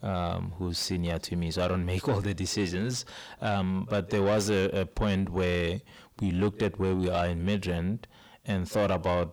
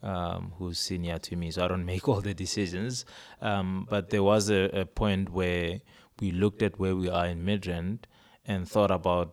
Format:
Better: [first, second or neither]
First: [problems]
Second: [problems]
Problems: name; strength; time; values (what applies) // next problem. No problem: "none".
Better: second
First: distortion; slight; 10 dB below the speech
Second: none